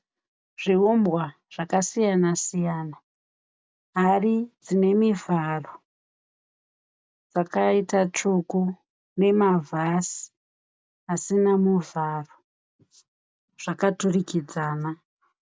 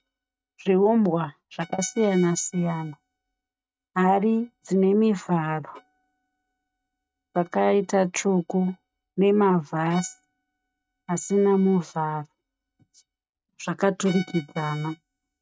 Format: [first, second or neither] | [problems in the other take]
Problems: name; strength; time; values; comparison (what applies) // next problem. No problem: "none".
first | noise reduction (neural mask model RNNoise)